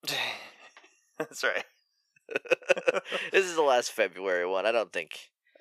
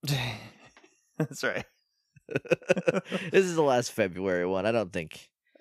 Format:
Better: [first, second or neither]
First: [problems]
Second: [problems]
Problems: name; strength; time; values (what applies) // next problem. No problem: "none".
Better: second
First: thin; very; fading below 550 Hz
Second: none